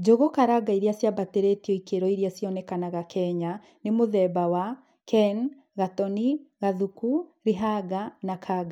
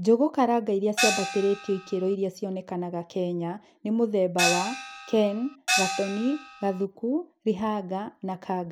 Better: first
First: none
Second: background sound (Gong); 3 dB below the speech

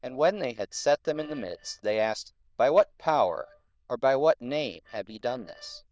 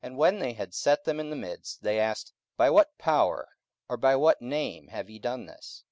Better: second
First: noise reduction (neural diffusion model UNIVERSE++)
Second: none

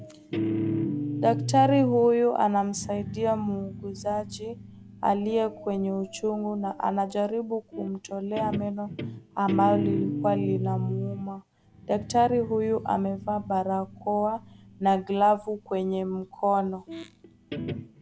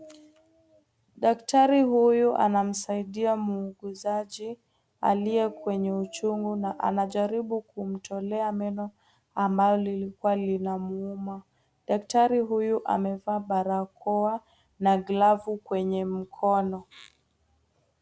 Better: second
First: background sound (Guitar); 7 dB below the speech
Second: none

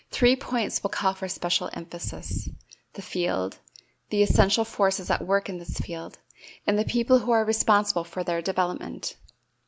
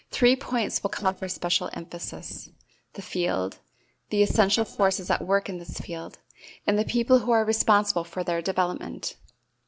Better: first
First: none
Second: noise reduction (neural separator model SepFormer DNS4)

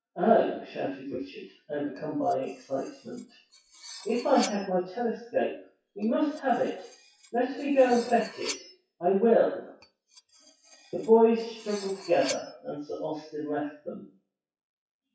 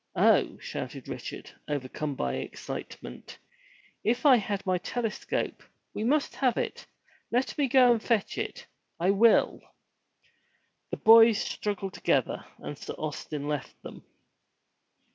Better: second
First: noise reduction (classical method WPE with log-MMSE)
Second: none

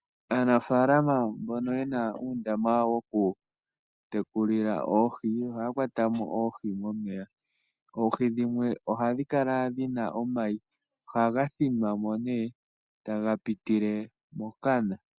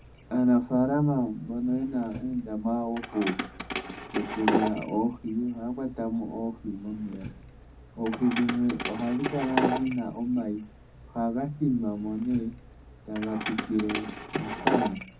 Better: first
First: none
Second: background sound (Keys jangling); 6 dB below the speech // room echo; dies away in 0.4 s

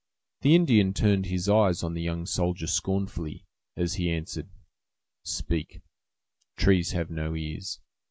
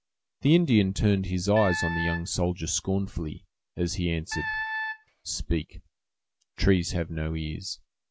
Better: first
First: none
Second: background sound (Wind instrument, woodwind instrument); 6 dB below the speech

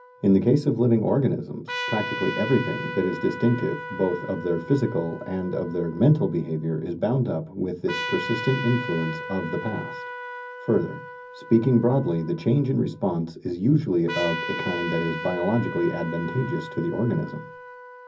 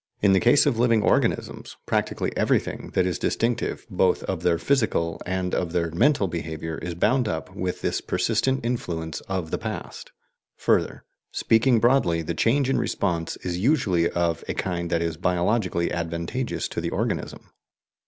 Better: second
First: background sound (Trumpet); 11 dB below the speech // room echo; dies away in 0.4 s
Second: none

